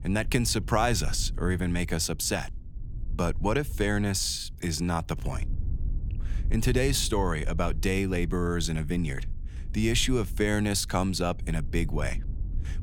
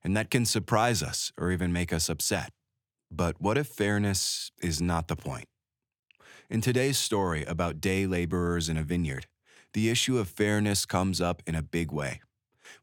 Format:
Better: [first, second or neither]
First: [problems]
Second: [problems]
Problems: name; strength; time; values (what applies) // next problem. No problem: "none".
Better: second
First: low rumble; faint; throughout; 25 dB below the speech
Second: none